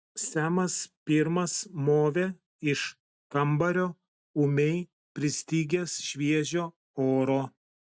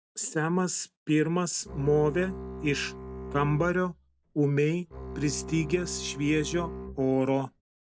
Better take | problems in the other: first | background sound (Bowed string instrument); 11 dB below the speech

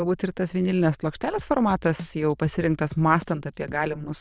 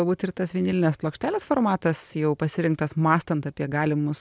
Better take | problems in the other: second | noise reduction (neural diffusion model UNIVERSE++)

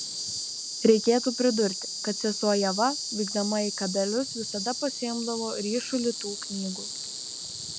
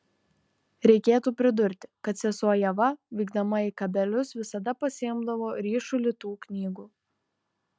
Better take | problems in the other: second | background sound (Insect); 6 dB below the speech

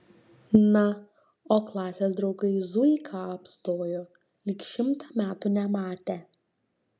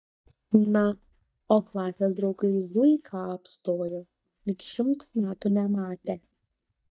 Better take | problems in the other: first | noise reduction (neural mask model DeepFilterNet 3)

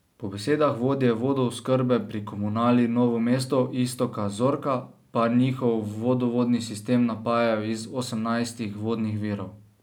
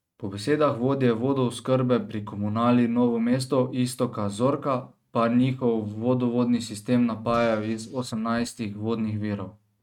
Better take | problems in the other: first | noise reduction (neural mask model RNNoise)

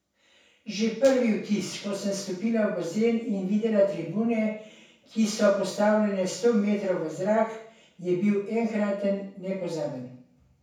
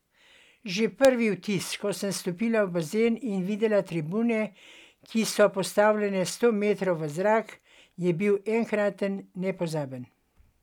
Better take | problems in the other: second | room echo; dies away in 0.6 s

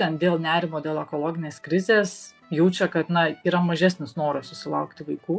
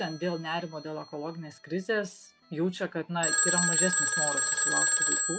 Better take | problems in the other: first | background sound (Telephone); 5 dB above the speech

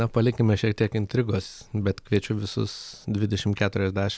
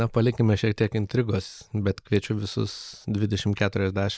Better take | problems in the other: first | noise reduction (neural mask model Resemble Enhance denoiser)

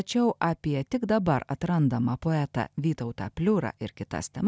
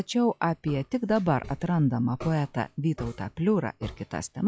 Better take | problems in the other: first | noise reduction (classical method log-MMSE)

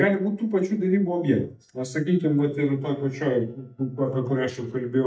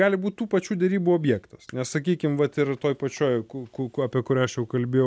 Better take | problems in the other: second | noise reduction (neural mask model DeepFilterNet 3)

